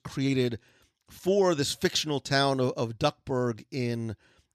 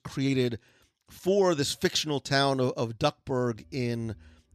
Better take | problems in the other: first | background music; faint; at 3.5 s; 30 dB below the speech

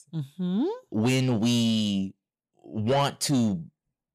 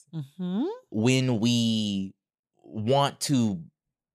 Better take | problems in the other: second | distortion; slight; 10 dB below the speech

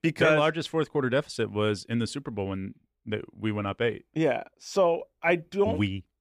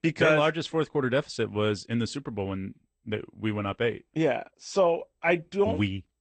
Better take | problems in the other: first | garbled, watery; slightly; nothing above 8.5 kHz

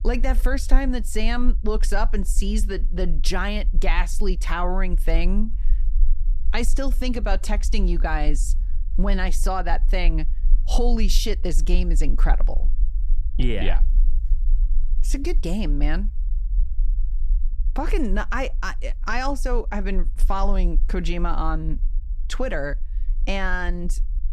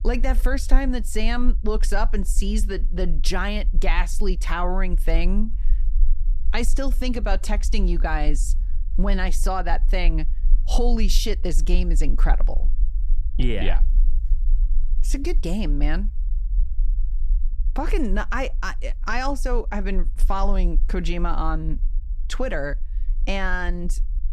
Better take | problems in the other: neither | low rumble; faint; throughout; 25 dB below the speech; the same in both

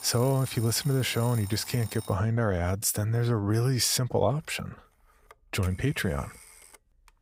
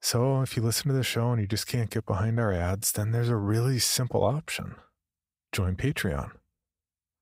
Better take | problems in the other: second | alarms or sirens; noticeable; throughout; 15 dB below the speech

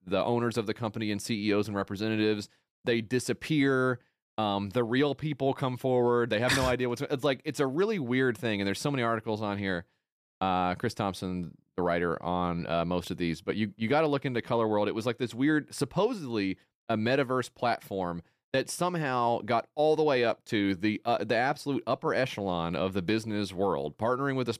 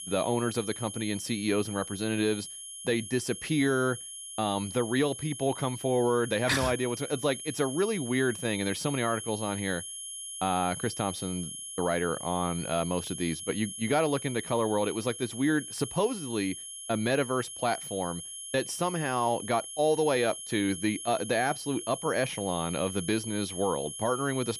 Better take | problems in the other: first | high-pitched whine; loud; throughout; 11 kHz, 8 dB below the speech

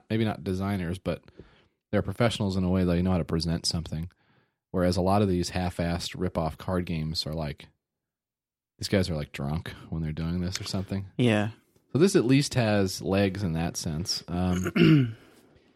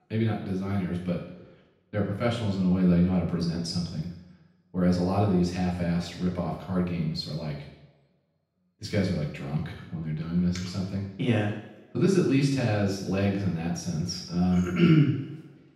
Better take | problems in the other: first | room echo; noticeable; dies away in 0.8 s // off-mic speech; far

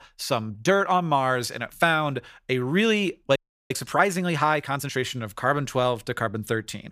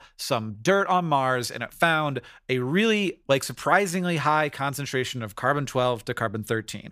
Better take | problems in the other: second | audio freezing; at 3.5 s

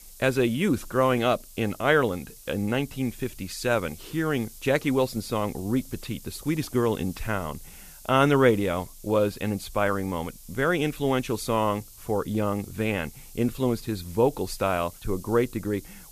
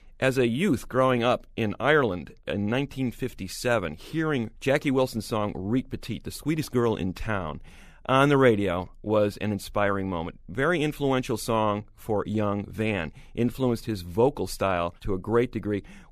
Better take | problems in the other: second | hiss; noticeable; throughout; 20 dB below the speech

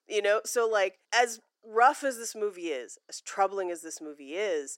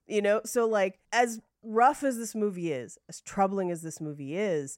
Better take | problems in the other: second | thin; somewhat; fading below 300 Hz

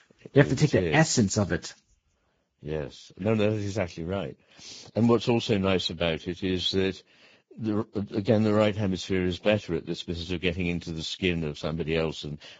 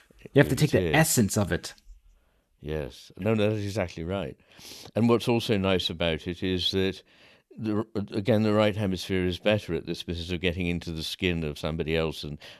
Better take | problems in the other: second | garbled, watery; badly; nothing above 7.5 kHz

